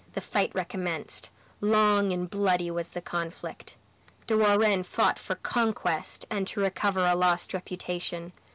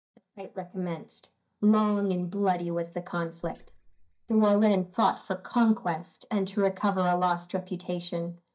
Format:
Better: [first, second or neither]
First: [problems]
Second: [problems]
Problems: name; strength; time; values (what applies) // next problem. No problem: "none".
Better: first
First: none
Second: noise reduction (neural mask model DeepFilterNet 3)